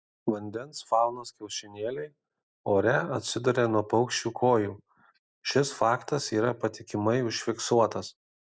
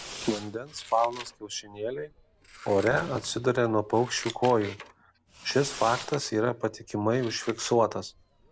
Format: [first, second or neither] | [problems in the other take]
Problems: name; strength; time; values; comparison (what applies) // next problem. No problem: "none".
first | background sound (Fireworks + Scissors); 16 dB below the speech